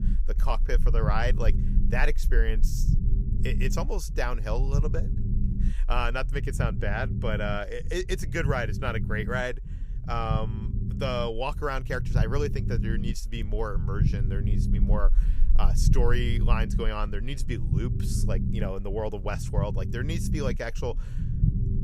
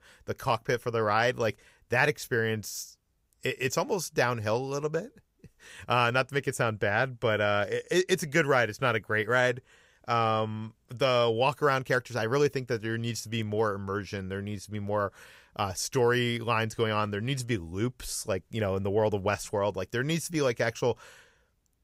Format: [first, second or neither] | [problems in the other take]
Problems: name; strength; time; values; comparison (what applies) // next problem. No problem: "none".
second | low rumble; noticeable; throughout; 10 dB below the speech